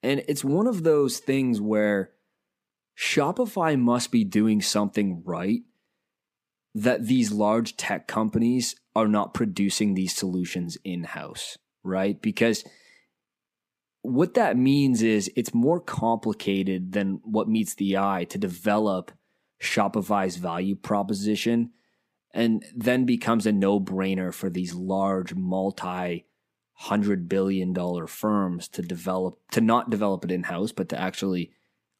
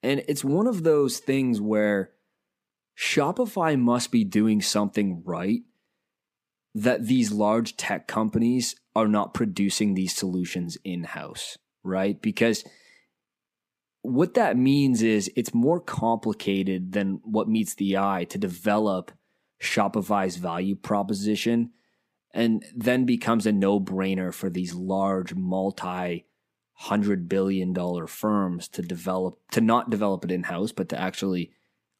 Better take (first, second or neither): neither